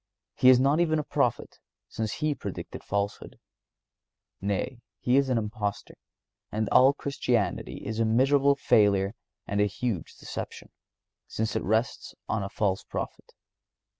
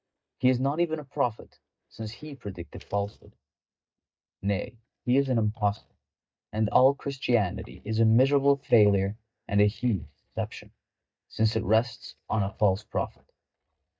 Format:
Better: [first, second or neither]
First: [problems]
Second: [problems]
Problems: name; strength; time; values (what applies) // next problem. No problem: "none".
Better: first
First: none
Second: noise reduction (neural mask model DeepFilterNet 3)